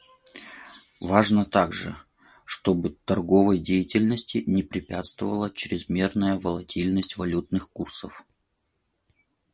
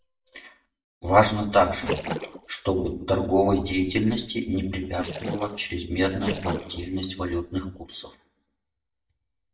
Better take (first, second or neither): first